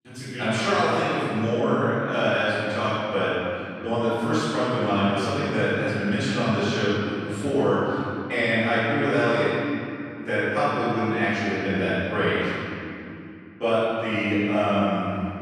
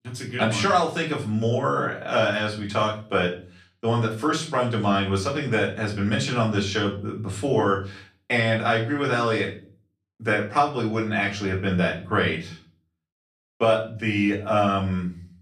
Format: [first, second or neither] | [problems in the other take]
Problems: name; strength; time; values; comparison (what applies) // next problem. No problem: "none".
second | room echo; strong; dies away in 2.7 s; slight in the second // off-mic speech; far; far in the second